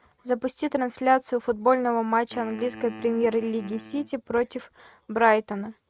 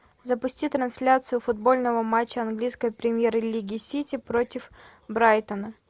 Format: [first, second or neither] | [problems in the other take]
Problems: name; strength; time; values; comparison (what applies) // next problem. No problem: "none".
second | noise reduction (neural mask model RNNoise)